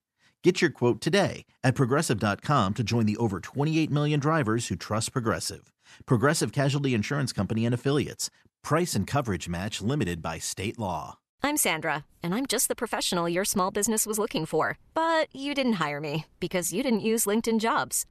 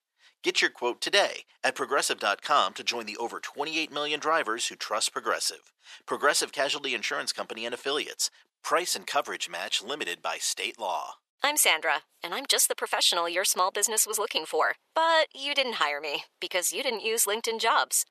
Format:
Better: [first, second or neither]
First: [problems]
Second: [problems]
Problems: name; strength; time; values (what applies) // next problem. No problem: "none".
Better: first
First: none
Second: thin; very; fading below 500 Hz